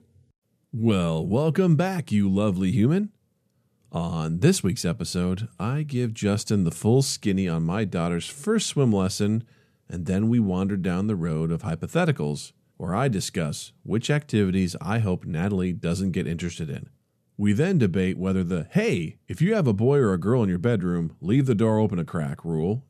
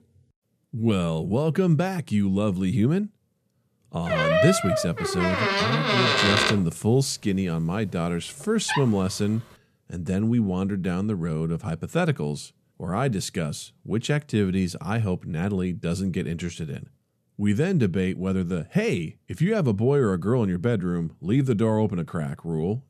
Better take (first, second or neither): first